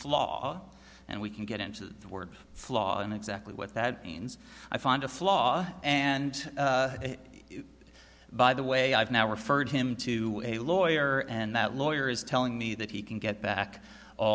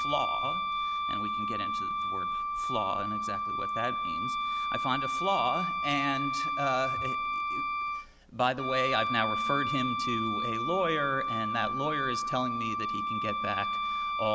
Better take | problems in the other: first | background sound (Wind instrument, woodwind instrument); 2 dB above the speech

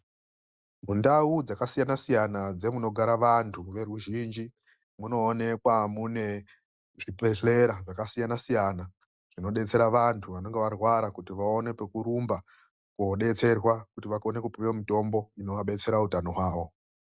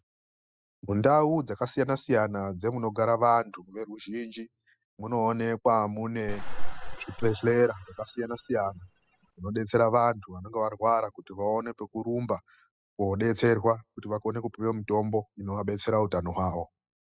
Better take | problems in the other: first | noise reduction (classical method spectral subtraction)

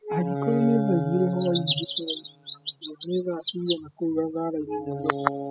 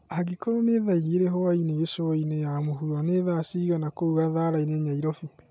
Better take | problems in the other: second | noise reduction (classical method spectral subtraction)

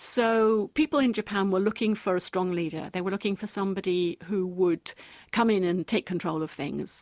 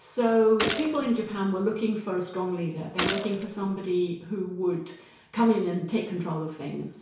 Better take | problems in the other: first | background sound (Gunshot, gunfire); 7 dB below the speech // room echo; dies away in 0.6 s

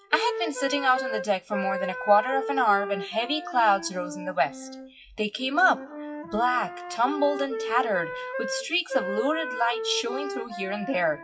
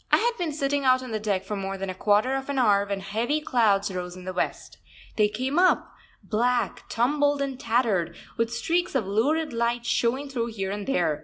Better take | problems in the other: second | noise reduction (classical method WPE with log-MMSE)

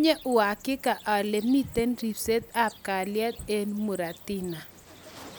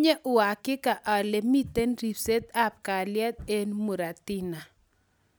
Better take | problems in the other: second | background sound (Cricket); 20 dB below the speech

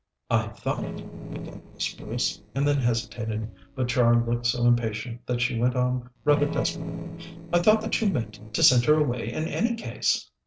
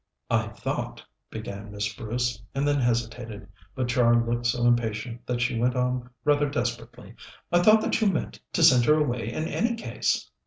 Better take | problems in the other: second | noise reduction (neural separator model SepFormer DNS4)

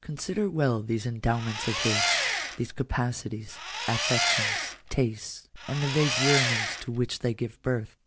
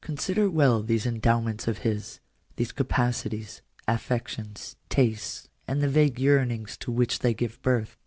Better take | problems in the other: second | background sound (Engine); as loud as the speech

